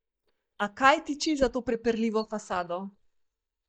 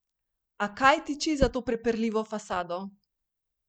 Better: second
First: noise reduction (neural mask model DeepFilterNet 3)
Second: none

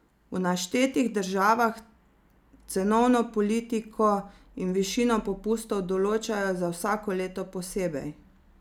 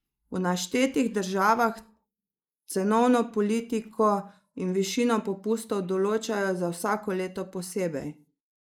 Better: first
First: none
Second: noise reduction (neural mask model Resemble Enhance denoiser)

